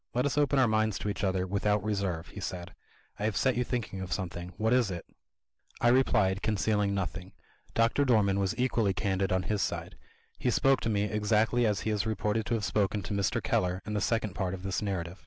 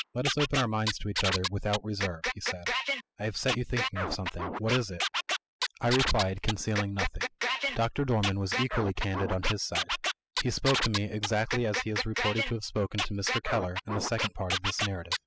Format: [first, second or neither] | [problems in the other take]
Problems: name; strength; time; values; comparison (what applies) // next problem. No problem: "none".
first | noise reduction (classical method spectral subtraction)